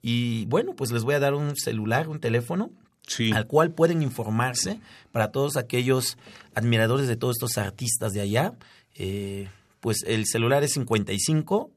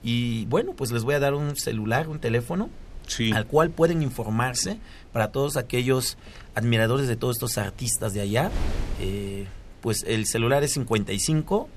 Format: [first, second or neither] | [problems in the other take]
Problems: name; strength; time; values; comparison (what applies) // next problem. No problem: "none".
first | wind noise on the microphone; occasional gusts; 20 dB below the speech